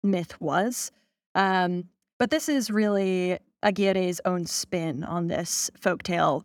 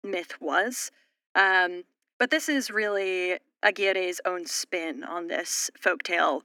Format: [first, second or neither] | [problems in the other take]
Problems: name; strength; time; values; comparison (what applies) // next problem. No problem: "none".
first | thin; somewhat; fading below 250 Hz